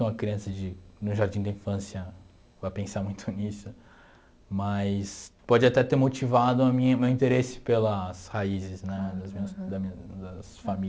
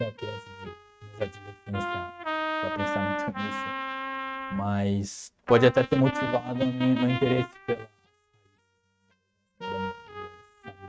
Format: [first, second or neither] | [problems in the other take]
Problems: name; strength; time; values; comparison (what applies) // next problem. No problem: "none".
first | noise reduction (neural mask model RNNoise)